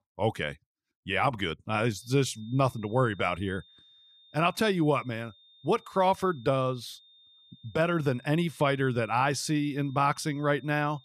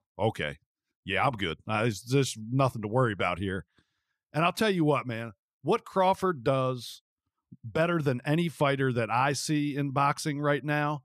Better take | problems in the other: second | high-pitched whine; faint; from 1.5 s on; 3.5 kHz, 25 dB below the speech

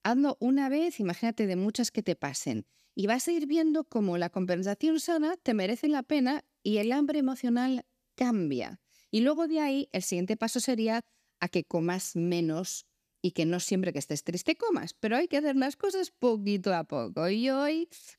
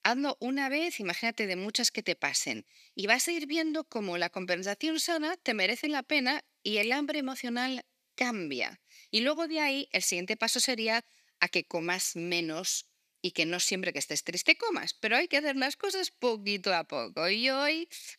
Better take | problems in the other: first | thin; somewhat; fading below 850 Hz

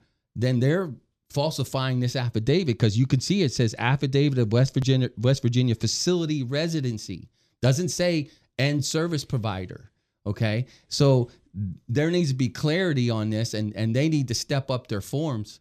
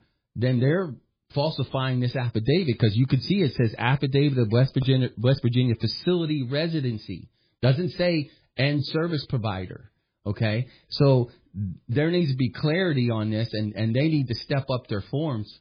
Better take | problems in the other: first | garbled, watery; badly; nothing above 5 kHz

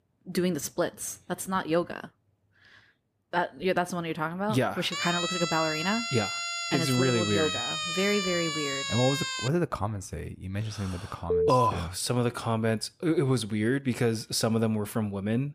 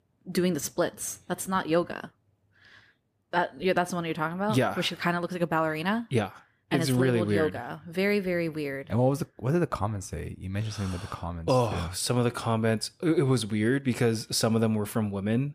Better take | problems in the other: second | siren; loud; from 5 to 9.5 s; peak level with the speech // alarm; loud; at 11 s; peak 4 dB above the speech

